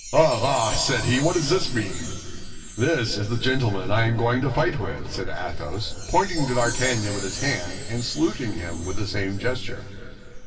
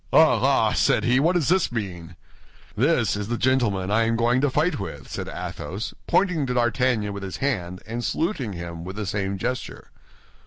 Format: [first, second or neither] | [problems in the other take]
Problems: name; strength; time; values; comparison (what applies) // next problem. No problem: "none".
second | background sound (Chime); 14 dB below the speech // room echo; dies away in 3 s